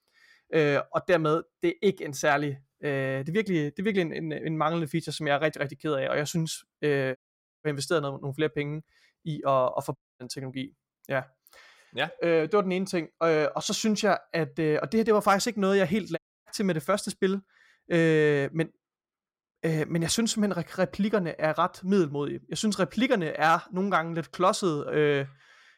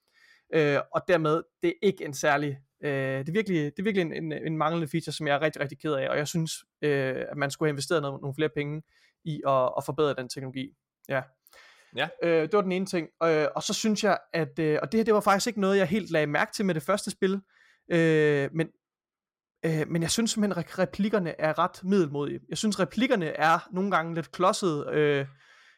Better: second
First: audio cutting out; at 7 s, at 10 s and at 16 s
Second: none

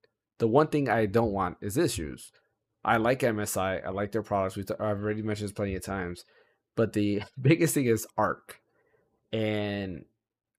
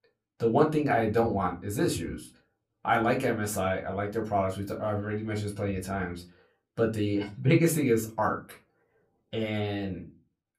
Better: first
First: none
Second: off-mic speech; somewhat distant // room echo; very slight; dies away in 0.2 s

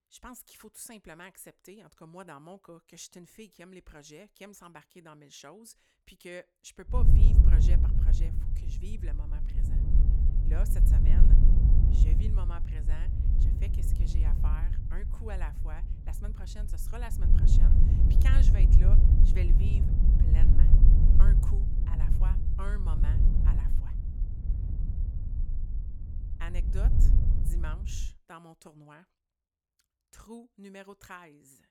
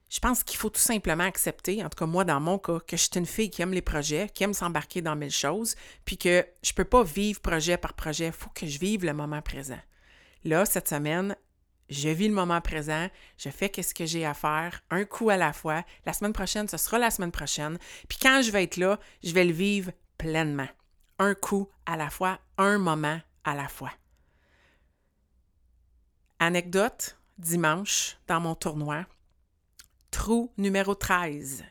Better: second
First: wind noise on the microphone; heavy; from 7 to 28 s; 2 dB above the speech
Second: none

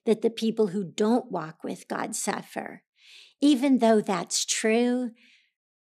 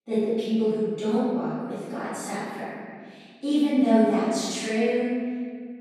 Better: first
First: none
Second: off-mic speech; far // room echo; strong; dies away in 2 s

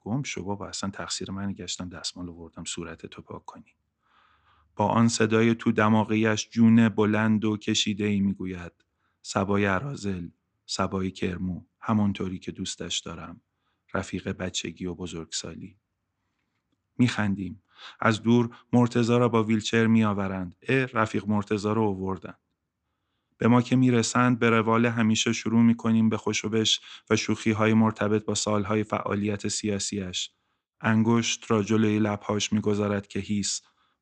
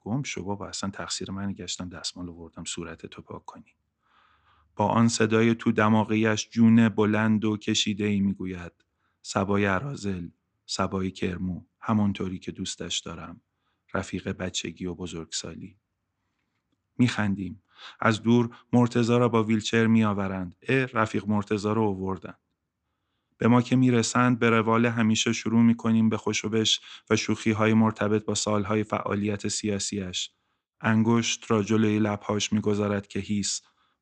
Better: neither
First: none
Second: none

